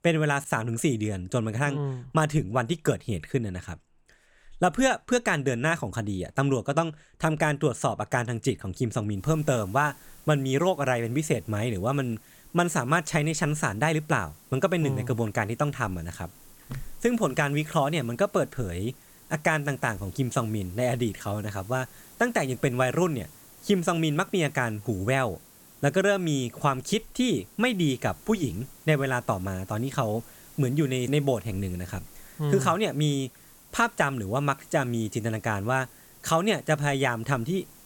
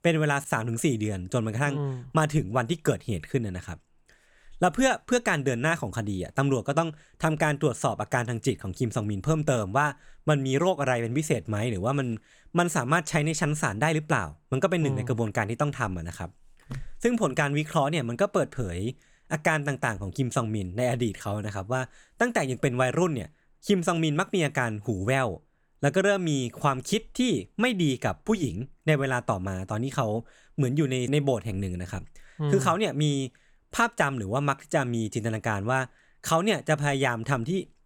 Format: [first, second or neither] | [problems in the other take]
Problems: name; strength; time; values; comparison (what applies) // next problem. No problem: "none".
second | hiss; faint; from 9 s on; 25 dB below the speech